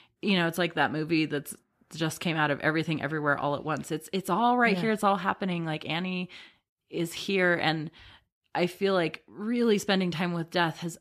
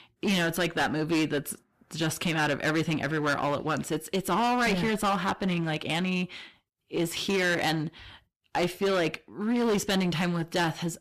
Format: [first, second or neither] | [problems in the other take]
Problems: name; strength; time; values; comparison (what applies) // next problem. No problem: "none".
first | distortion; heavy; 16% of the sound clipped